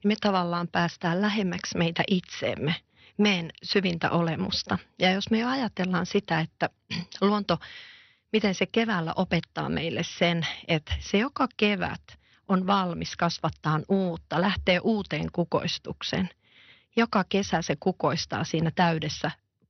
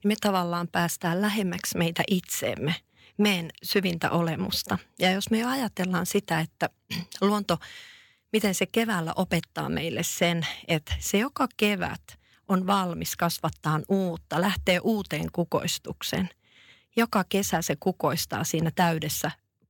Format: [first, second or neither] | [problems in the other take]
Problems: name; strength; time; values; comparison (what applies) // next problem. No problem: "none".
second | garbled, watery; slightly; nothing above 6 kHz